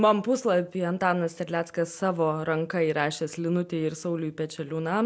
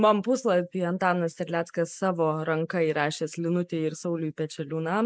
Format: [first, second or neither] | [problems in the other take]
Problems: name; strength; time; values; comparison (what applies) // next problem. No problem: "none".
first | noise reduction (neural mask model Resemble Enhance denoiser)